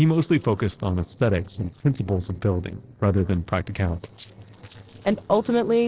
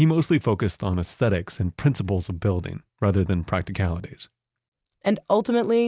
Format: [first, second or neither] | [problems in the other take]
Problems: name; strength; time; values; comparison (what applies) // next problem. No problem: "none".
second | noise reduction (neural separator model SepFormer DNS4)